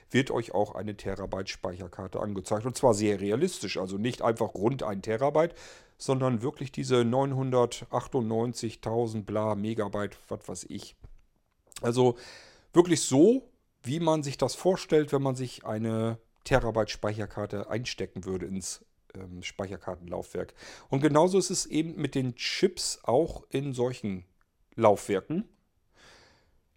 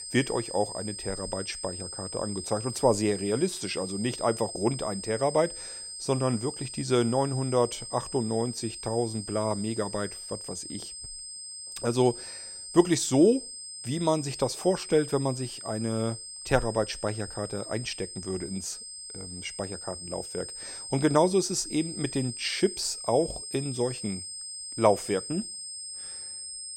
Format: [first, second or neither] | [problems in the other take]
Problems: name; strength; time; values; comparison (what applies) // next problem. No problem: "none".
first | high-pitched whine; loud; throughout; 8.5 kHz, 8 dB below the speech